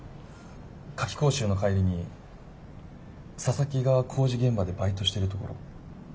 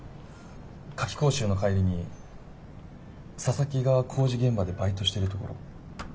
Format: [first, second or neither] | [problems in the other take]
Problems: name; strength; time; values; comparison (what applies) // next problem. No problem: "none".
first | background sound (Squeak); 19 dB below the speech